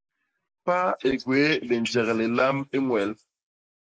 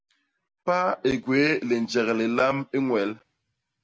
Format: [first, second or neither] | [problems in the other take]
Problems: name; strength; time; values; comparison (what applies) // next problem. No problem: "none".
second | noise reduction (neural mask model Resemble Enhance denoiser)